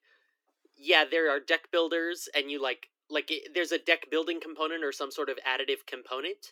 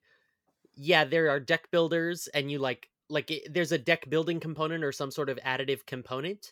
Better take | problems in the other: second | thin; somewhat; fading below 300 Hz

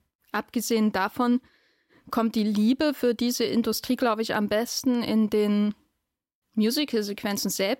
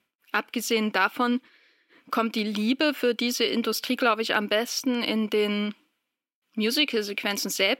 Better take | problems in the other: first | thin; very slightly; fading below 300 Hz

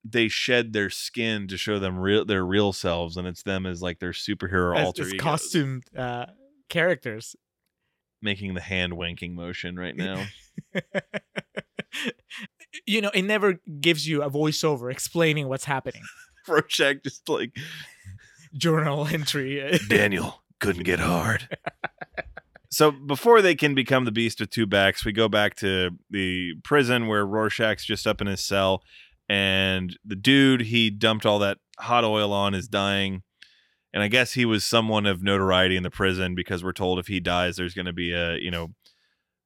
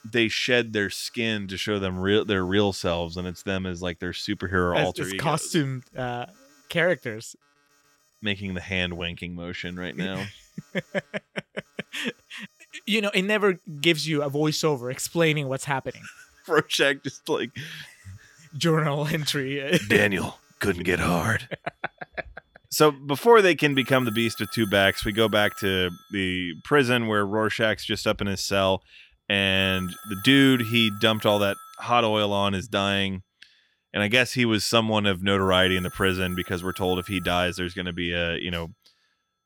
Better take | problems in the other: first | alarms or sirens; noticeable; throughout; 20 dB below the speech

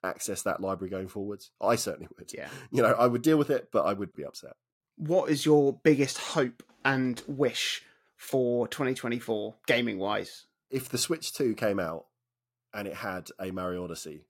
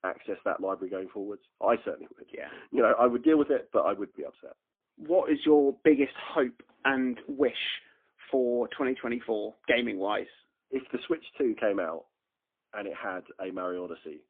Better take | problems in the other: first | phone-call audio; poor line; nothing above 3.5 kHz

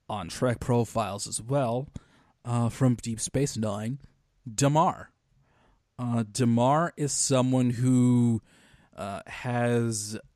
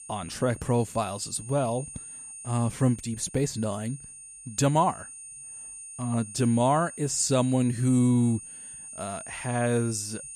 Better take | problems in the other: first | high-pitched whine; noticeable; throughout; 9 kHz, 15 dB below the speech

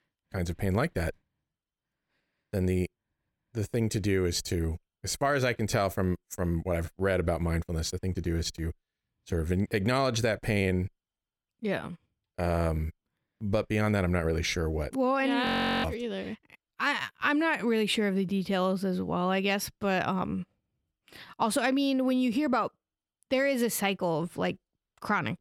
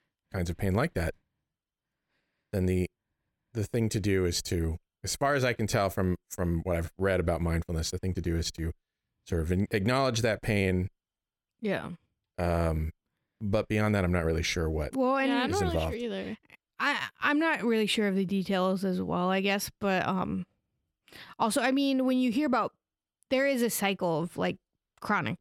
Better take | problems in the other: second | audio freezing; at 15 s

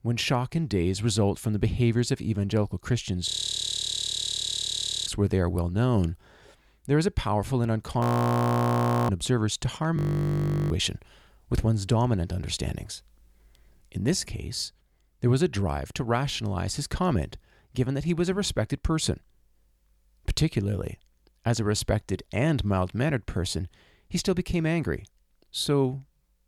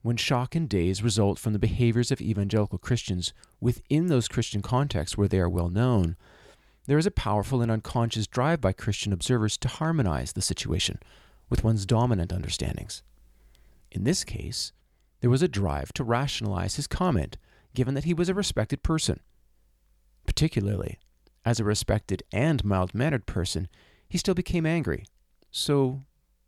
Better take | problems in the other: second | audio freezing; at 3.5 s for 2 s, at 8 s for 1 s and at 10 s for 0.5 s

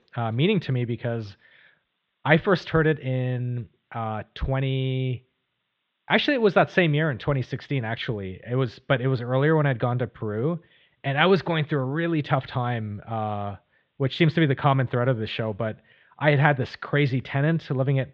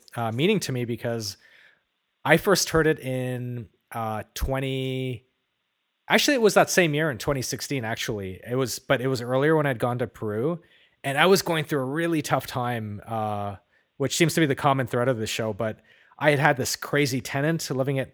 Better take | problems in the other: second | muffled; very; fading above 3.5 kHz

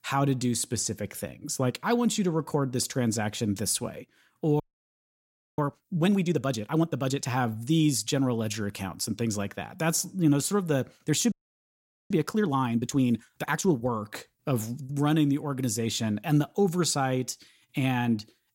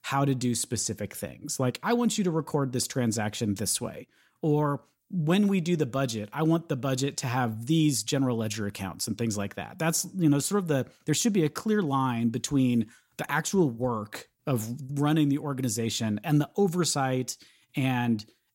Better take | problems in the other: second | audio freezing; at 4.5 s for 1 s and at 11 s for 1 s

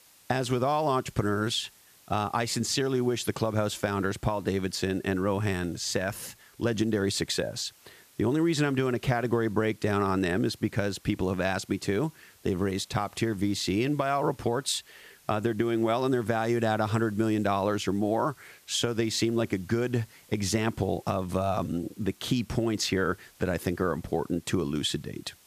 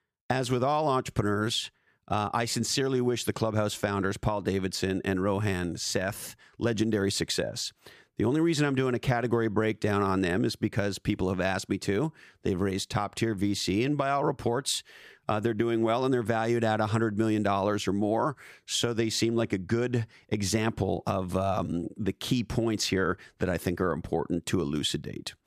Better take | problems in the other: second | hiss; faint; throughout; 25 dB below the speech

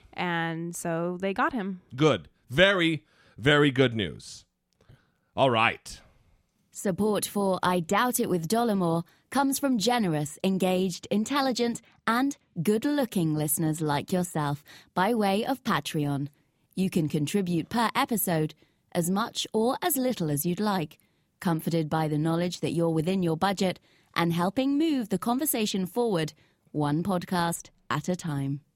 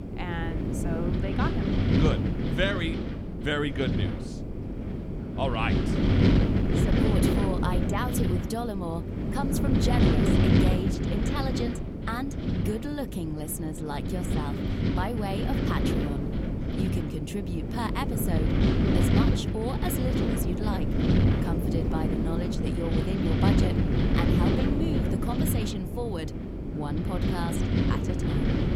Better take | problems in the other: first | wind noise on the microphone; heavy; 1 dB above the speech

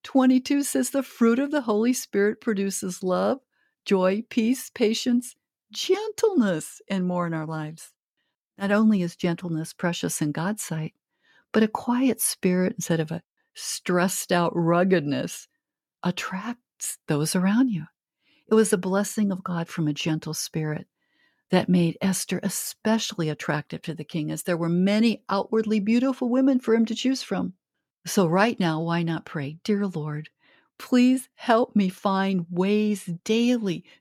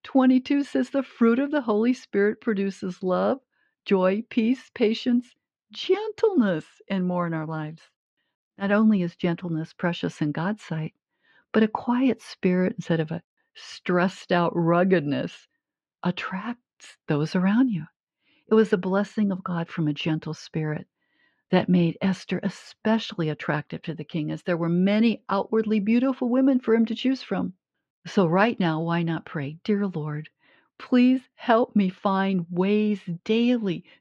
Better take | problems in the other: first | muffled; slightly; fading above 3.5 kHz

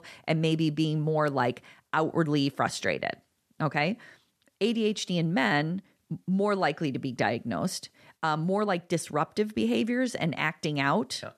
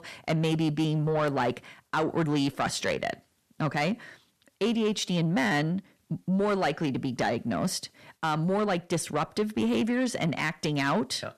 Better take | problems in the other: first | distortion; slight; 10 dB below the speech

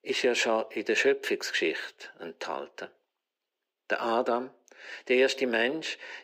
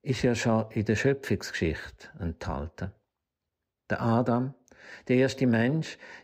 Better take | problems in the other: second | thin; somewhat; fading below 350 Hz

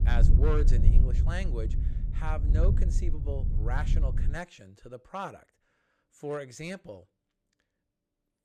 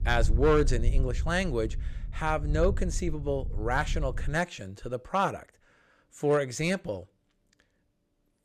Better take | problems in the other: second | low rumble; loud; until 4.5 s; 6 dB below the speech; faint in the second

